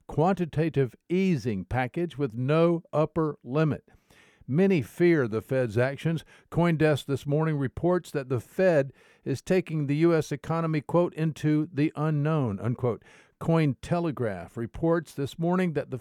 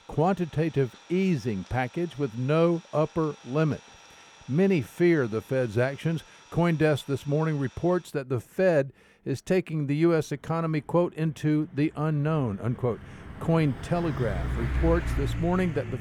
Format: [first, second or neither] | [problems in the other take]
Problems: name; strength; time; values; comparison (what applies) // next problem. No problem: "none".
first | traffic noise; loud; throughout; 9 dB below the speech